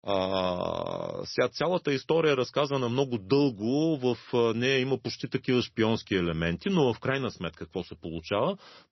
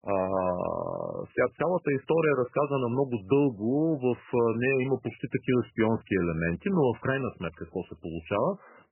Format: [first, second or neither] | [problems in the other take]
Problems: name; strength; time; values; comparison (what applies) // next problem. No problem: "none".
first | garbled, watery; badly; nothing above 2.5 kHz; slightly in the first